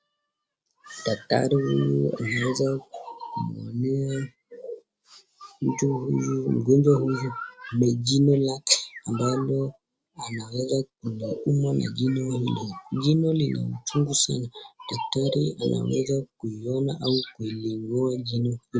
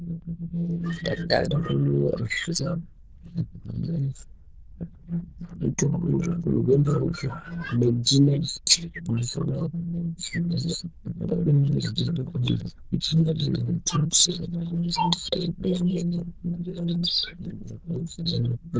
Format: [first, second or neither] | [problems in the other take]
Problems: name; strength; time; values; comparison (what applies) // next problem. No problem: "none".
first | noise reduction (neural diffusion model UNIVERSE++)